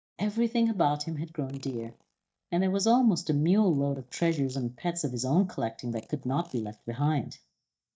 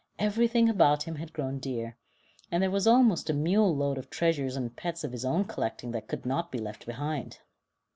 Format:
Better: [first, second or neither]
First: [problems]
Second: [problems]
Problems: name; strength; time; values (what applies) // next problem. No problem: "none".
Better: second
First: noise reduction (neural mask model DeepFilterNet 3)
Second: none